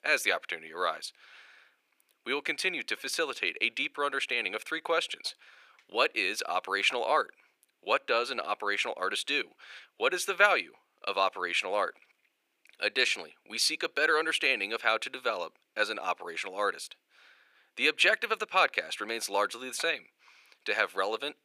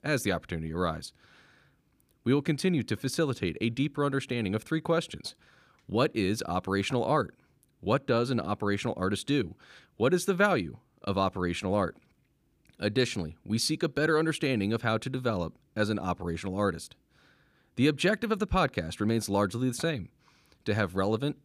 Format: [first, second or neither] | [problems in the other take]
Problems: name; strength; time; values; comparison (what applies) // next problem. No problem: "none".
second | thin; very; fading below 500 Hz